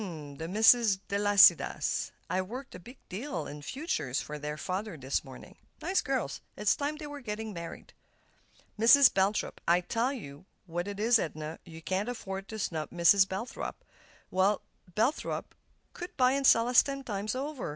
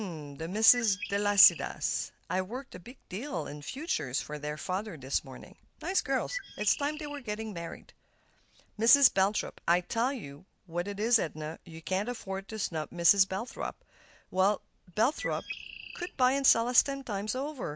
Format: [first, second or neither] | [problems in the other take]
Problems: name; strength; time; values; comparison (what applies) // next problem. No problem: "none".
first | background sound (Bird); 12 dB below the speech